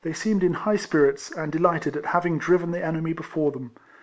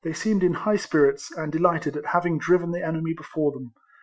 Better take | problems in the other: first | noise reduction (classical method Wiener filter)

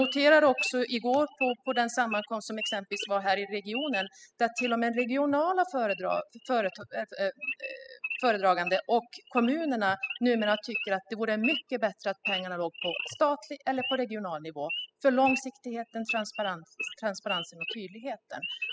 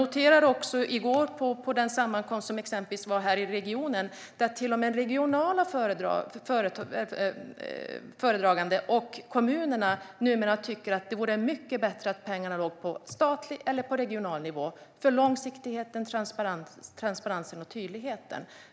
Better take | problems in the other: second | noise reduction (classical method spectral subtraction)

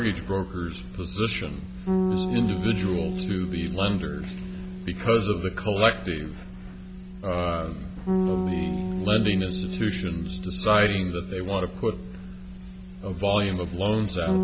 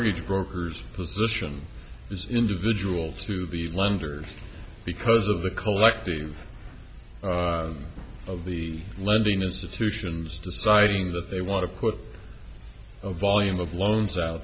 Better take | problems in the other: second | background sound (Bass guitar); 4 dB below the speech

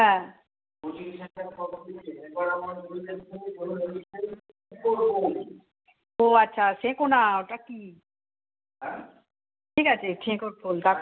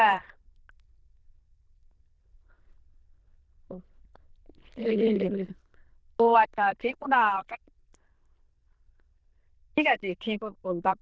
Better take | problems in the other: first | noise reduction (neural diffusion model UNIVERSE++)

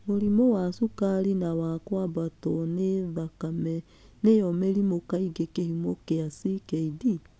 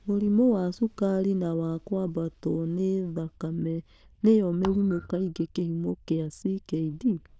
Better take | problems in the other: first | noise reduction (neural diffusion model UNIVERSE++)

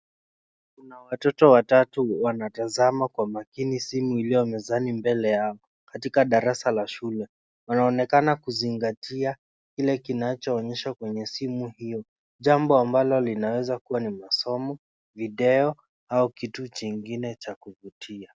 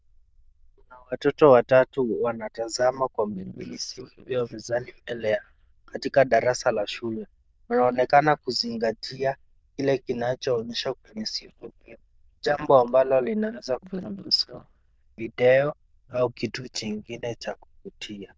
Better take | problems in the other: first | noise reduction (neural diffusion model UNIVERSE++)

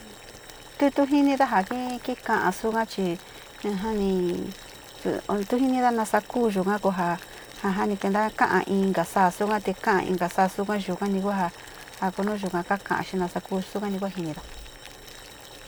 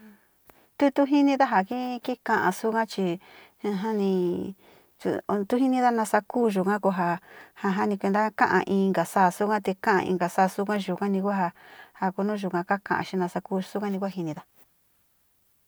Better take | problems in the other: second | background sound (Boiling); 18 dB below the speech

